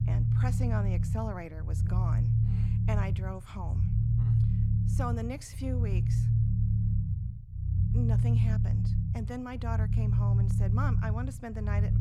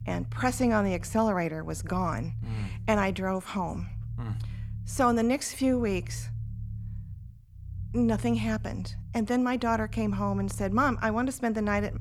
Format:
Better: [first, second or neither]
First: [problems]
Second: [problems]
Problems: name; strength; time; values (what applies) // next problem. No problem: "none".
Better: second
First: low rumble; loud; throughout; 1 dB below the speech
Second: low rumble; faint; throughout; 25 dB below the speech